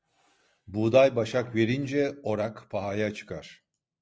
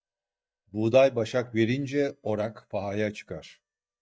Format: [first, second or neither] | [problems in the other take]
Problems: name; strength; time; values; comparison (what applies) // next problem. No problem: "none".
first | noise reduction (neural mask model DeepFilterNet 3)